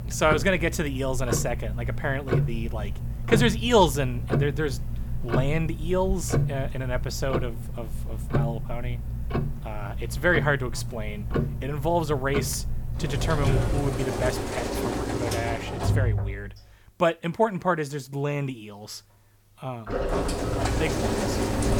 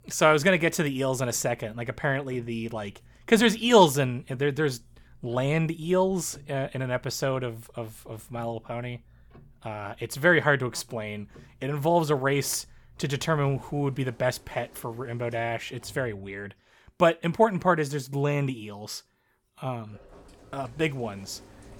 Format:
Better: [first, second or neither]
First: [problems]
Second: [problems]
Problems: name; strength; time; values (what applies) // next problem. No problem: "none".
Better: second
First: household noises; loud; throughout; 2 dB below the speech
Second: household noises; faint; throughout; 30 dB below the speech